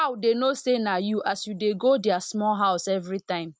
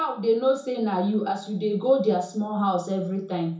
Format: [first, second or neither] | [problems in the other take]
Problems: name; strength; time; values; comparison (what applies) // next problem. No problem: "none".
first | room echo; dies away in 0.6 s